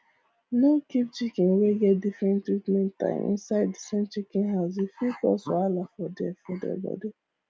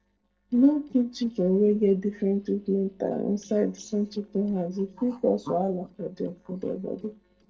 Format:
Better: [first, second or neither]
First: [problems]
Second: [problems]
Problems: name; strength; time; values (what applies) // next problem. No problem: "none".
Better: first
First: none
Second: noise reduction (neural separator model SepFormer DNS4)